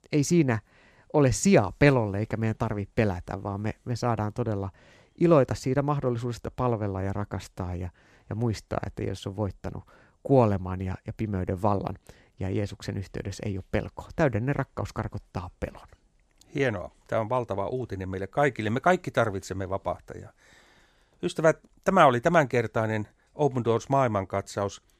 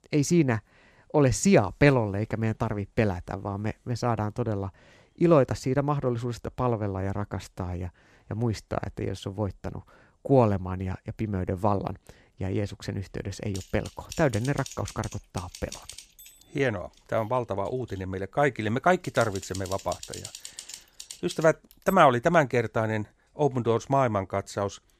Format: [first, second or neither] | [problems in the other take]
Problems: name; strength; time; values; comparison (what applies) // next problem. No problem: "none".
first | keyboard typing; faint; from 14 to 22 s; peak 10 dB below the speech